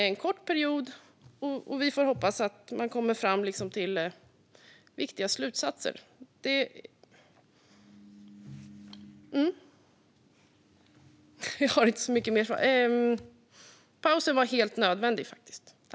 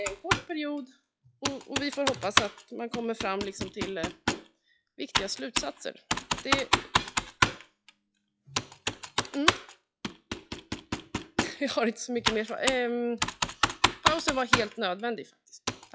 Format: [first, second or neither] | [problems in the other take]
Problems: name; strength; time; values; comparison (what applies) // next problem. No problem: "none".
first | noise reduction (classical method log-MMSE)